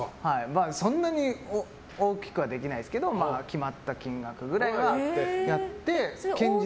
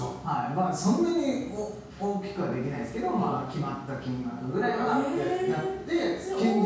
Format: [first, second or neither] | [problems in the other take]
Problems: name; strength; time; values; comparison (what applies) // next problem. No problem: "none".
first | room echo; dies away in 0.6 s